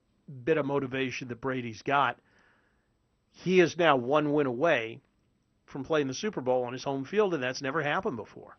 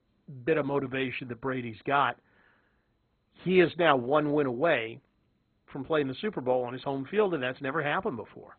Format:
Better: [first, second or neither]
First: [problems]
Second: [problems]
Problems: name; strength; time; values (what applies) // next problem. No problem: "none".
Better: first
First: garbled, watery; slightly; nothing above 6 kHz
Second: garbled, watery; badly; nothing above 4 kHz